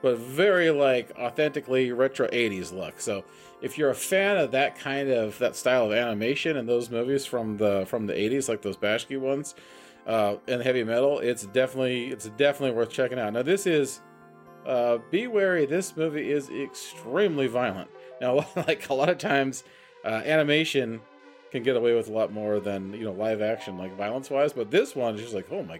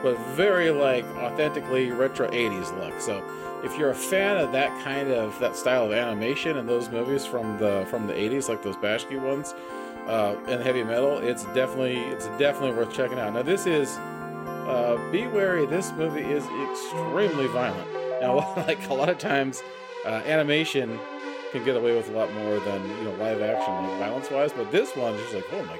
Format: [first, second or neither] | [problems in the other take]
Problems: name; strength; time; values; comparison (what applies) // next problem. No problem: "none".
first | background music; loud; throughout; 8 dB below the speech; faint in the first